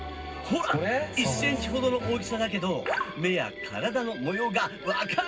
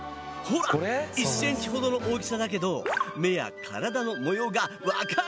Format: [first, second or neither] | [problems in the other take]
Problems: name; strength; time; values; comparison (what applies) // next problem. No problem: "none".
second | background sound (Mechanisms); 17 dB below the speech // room echo; dies away in 0.4 s